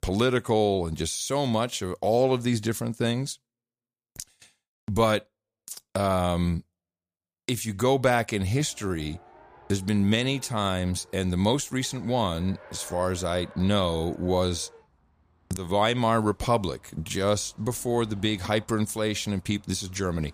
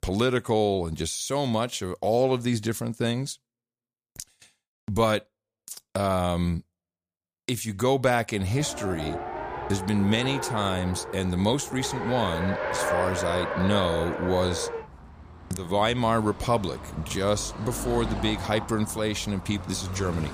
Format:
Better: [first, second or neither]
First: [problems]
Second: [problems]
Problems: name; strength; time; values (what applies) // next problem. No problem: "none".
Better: first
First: traffic noise; faint; from 8.5 s on; 25 dB below the speech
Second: traffic noise; loud; from 8.5 s on; 7 dB below the speech